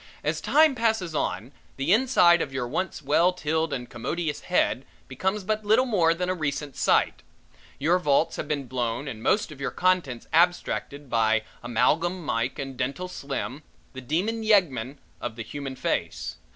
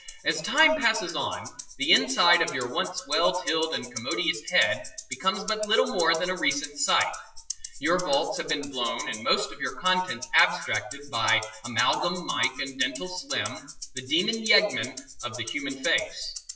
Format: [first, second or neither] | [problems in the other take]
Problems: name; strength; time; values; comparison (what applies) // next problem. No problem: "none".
first | noise reduction (classical method WPE with log-MMSE)